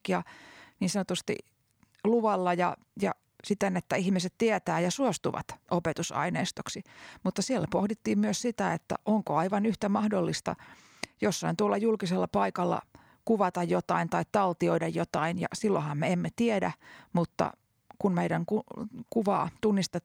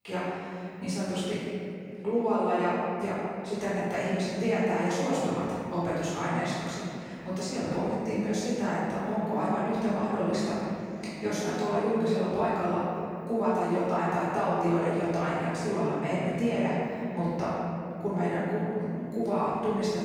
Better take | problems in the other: first | room echo; strong; dies away in 2.7 s // off-mic speech; far

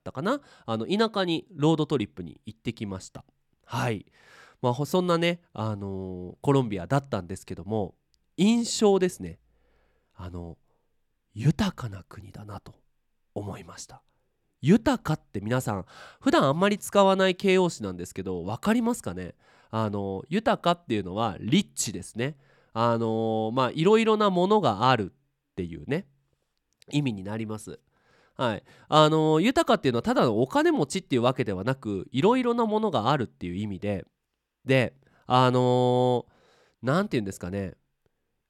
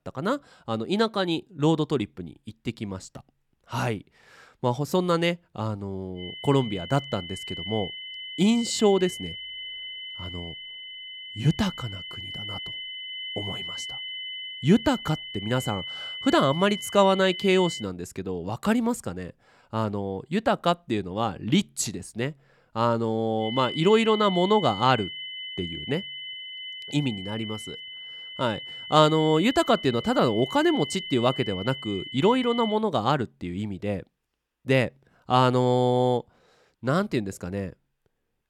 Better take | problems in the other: first | high-pitched whine; loud; from 6 to 18 s and from 23 to 33 s; 3 kHz, 9 dB below the speech

